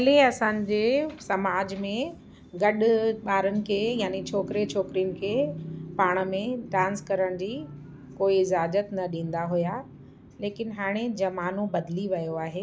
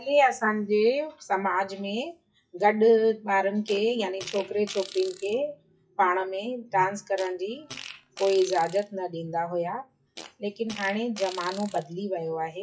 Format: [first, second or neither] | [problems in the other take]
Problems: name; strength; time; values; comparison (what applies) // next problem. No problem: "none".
first | noise reduction (classical method WPE with log-MMSE)